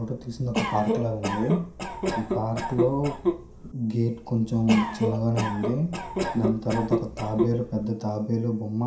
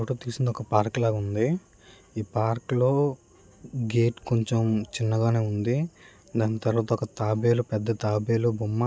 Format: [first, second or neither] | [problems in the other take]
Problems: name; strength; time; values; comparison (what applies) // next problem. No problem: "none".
second | background sound (Cough); 3 dB below the speech // room echo; dies away in 0.5 s